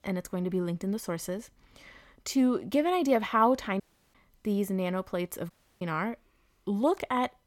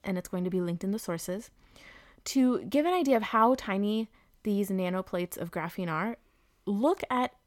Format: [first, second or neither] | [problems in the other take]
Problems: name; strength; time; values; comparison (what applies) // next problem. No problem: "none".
second | audio cutting out; at 4 s and at 5.5 s